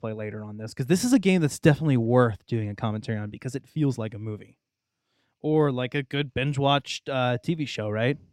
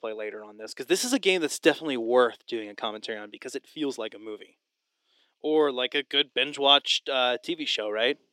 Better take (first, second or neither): first